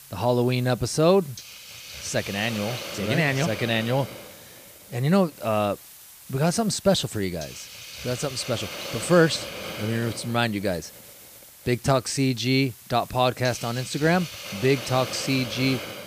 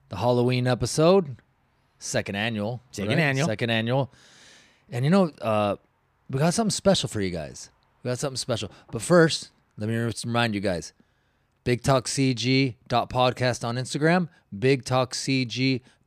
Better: second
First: hiss; noticeable; throughout; 10 dB below the speech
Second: none

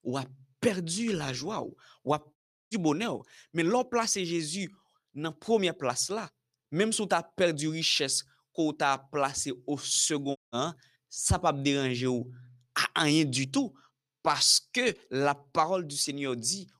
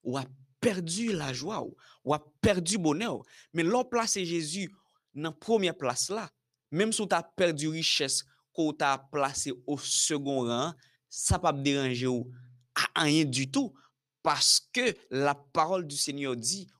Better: second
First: audio cutting out; at 2.5 s and at 10 s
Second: none

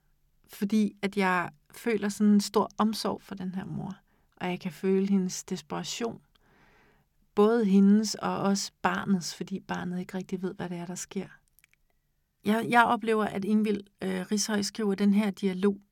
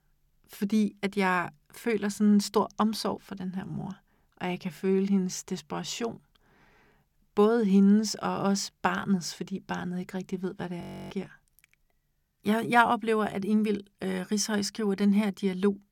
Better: first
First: none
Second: audio freezing; at 11 s

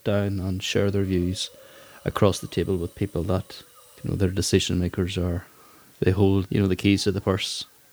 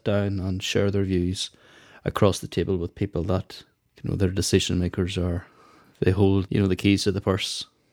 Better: second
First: hiss; faint; throughout; 25 dB below the speech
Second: none

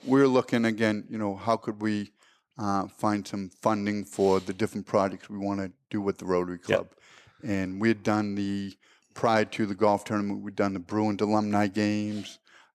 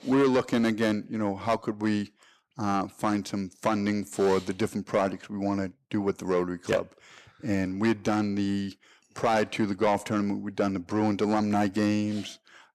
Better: first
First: none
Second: distortion; slight; 10 dB below the speech

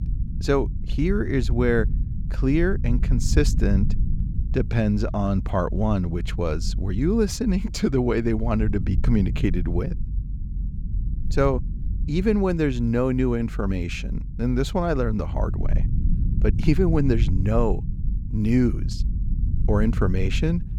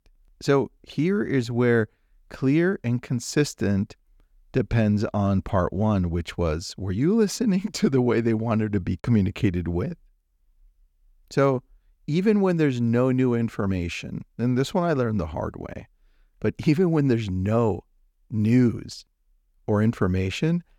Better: second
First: low rumble; noticeable; throughout; 15 dB below the speech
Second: none

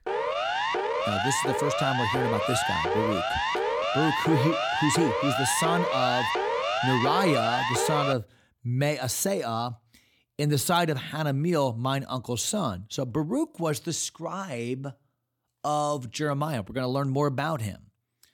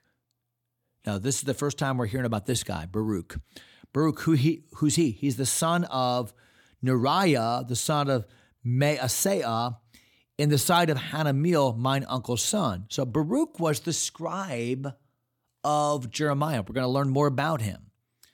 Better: second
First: siren; loud; until 8 s; peak 2 dB above the speech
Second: none

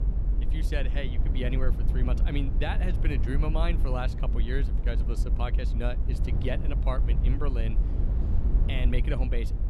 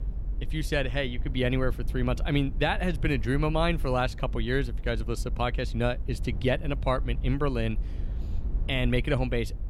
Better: second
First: low rumble; loud; throughout; 8 dB below the speech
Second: low rumble; faint; throughout; 20 dB below the speech

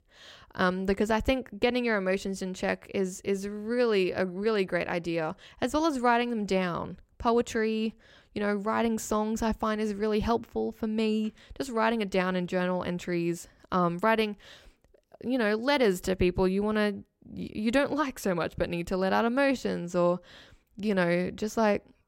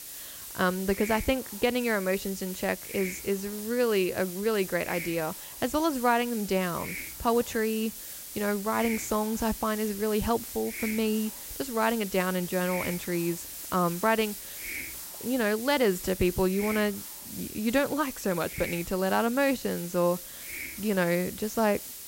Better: first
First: none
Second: hiss; loud; throughout; 9 dB below the speech

